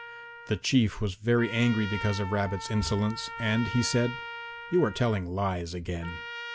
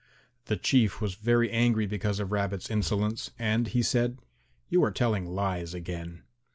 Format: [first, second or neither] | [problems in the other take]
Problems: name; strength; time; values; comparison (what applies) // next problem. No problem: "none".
second | background sound (Trumpet); 12 dB below the speech